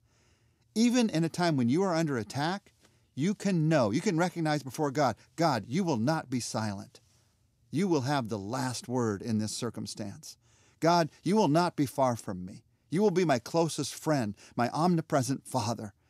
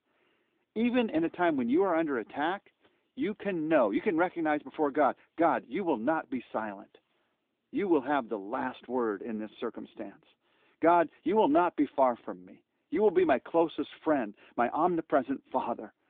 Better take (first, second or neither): first